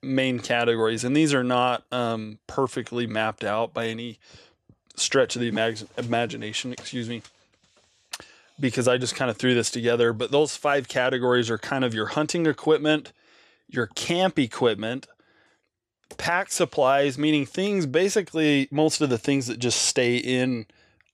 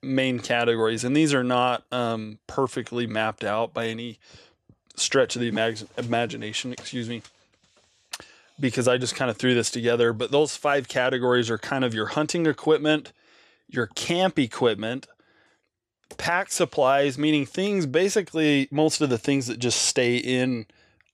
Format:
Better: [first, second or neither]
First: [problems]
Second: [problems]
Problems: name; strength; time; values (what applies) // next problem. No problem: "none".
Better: neither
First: none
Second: none